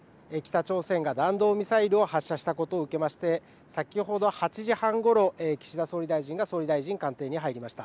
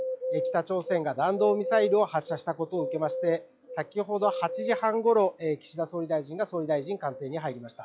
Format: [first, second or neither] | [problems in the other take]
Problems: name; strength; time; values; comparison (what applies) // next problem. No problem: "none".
first | noise reduction (classical method log-MMSE)